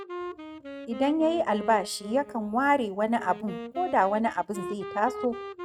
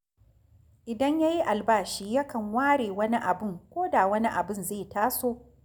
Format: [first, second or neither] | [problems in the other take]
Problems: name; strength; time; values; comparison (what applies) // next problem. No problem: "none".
second | noise reduction (neural mask model RNNoise)